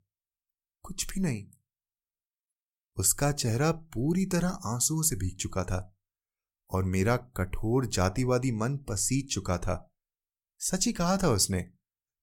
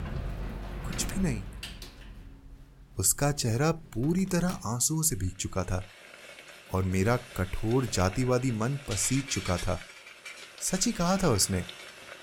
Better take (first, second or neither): first